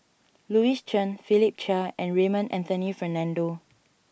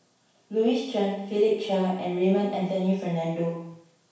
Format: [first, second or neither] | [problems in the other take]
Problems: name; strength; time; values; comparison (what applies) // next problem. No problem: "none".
first | room echo; dies away in 0.7 s